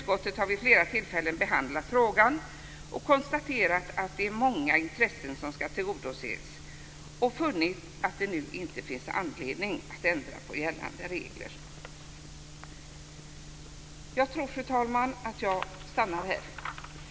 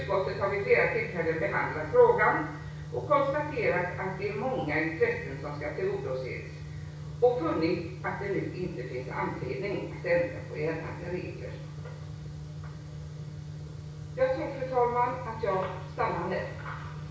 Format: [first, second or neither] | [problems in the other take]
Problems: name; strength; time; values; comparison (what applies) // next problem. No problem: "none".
first | room echo; dies away in 0.6 s